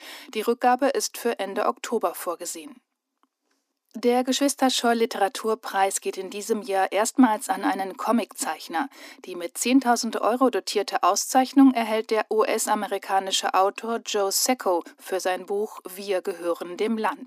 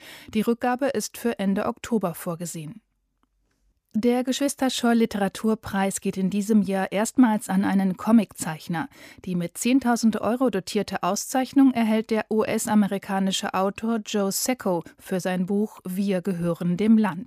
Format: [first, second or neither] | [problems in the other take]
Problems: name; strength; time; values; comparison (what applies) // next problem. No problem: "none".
second | thin; somewhat; fading below 250 Hz